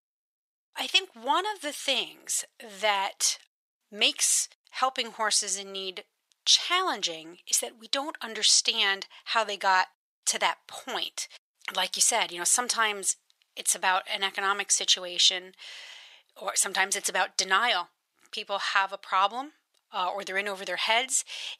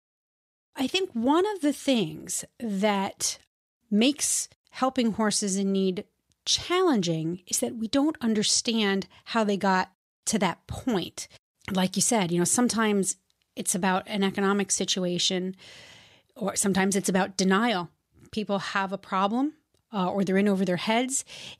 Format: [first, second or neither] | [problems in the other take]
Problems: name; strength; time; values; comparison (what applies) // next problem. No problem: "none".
second | thin; very; fading below 900 Hz